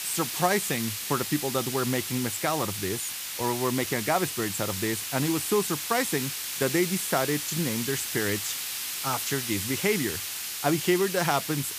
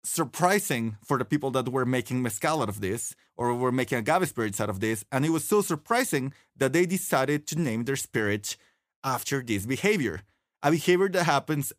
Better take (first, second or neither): second